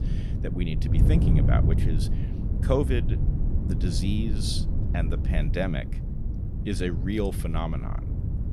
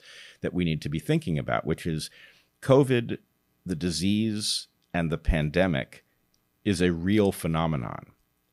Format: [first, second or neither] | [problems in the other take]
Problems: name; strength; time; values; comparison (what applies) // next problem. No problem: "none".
second | wind noise on the microphone; heavy; 6 dB below the speech